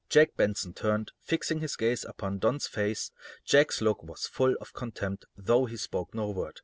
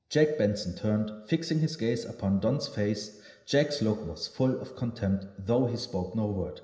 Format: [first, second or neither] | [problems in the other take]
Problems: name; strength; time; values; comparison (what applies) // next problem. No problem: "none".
first | room echo; dies away in 0.9 s